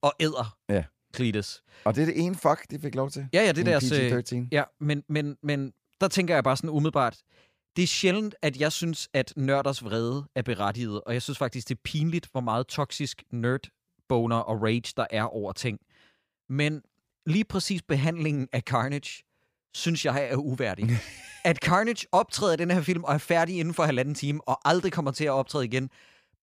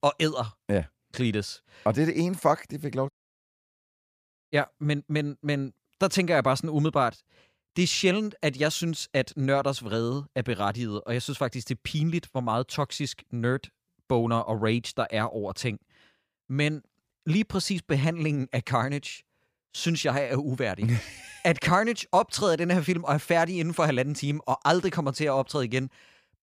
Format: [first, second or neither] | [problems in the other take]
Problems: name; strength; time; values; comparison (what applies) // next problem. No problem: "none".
first | audio cutting out; at 3 s for 1.5 s